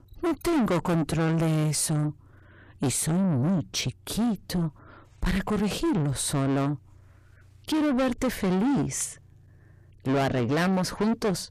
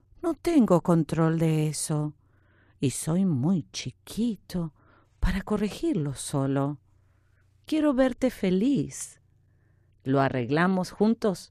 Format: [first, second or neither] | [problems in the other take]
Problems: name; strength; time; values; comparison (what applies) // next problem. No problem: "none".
second | distortion; heavy; 6 dB below the speech